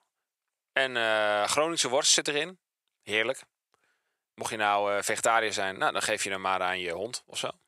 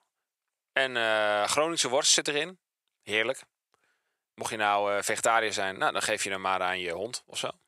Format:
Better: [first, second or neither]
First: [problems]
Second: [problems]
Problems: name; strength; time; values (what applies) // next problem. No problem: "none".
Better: neither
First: thin; very; fading below 450 Hz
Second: thin; very; fading below 450 Hz